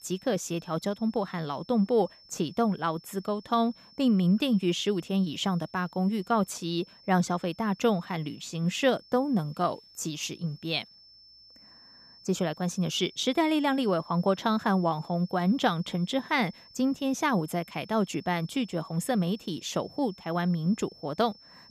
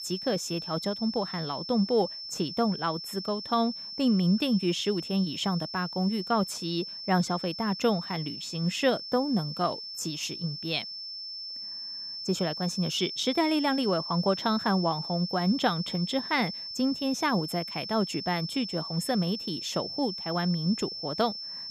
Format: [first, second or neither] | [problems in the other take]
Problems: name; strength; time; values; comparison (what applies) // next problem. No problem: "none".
first | high-pitched whine; loud; throughout; 5.5 kHz, 7 dB below the speech; faint in the first